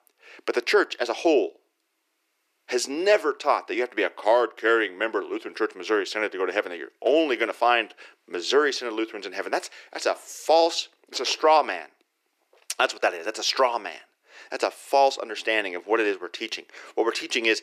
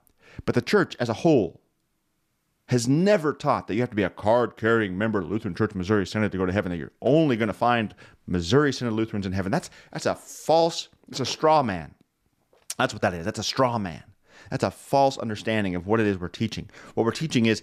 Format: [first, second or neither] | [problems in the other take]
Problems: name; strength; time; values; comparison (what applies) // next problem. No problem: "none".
second | thin; very; fading below 350 Hz